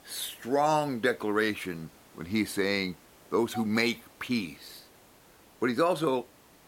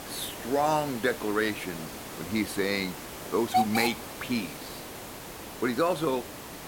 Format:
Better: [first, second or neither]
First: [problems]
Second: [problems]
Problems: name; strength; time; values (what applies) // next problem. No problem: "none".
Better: first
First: hiss; faint; throughout; 25 dB below the speech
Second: hiss; loud; throughout; 7 dB below the speech